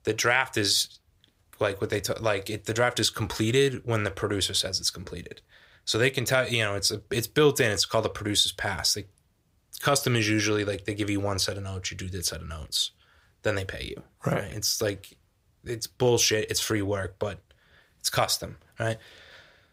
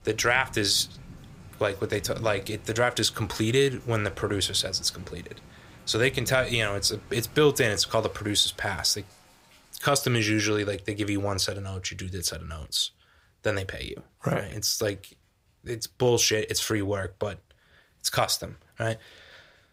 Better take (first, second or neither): first